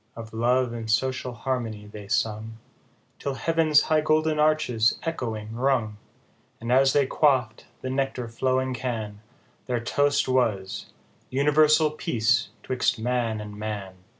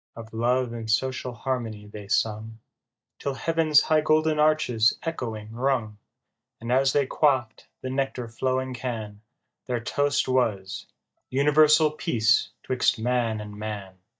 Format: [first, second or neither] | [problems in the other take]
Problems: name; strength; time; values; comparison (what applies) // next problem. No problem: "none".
first | noise reduction (neural mask model DeepFilterNet 3)